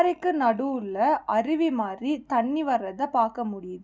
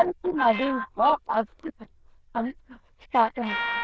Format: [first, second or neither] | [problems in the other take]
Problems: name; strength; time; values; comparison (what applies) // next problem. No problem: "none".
first | noise reduction (neural diffusion model UNIVERSE++)